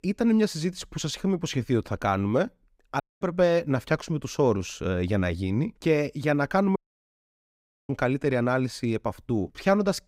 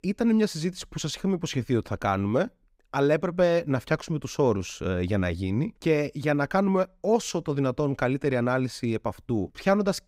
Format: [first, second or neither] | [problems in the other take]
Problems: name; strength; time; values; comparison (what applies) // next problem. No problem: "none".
second | audio cutting out; at 3 s and at 7 s for 1 s